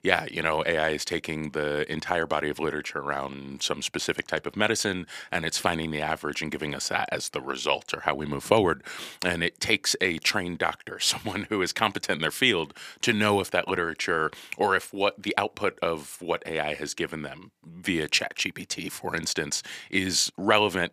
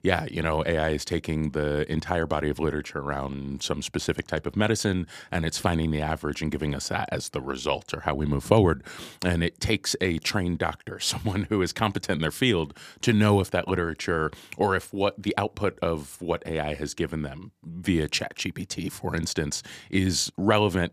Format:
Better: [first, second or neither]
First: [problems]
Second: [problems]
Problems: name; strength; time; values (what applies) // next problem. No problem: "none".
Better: second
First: thin; somewhat; fading below 450 Hz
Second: none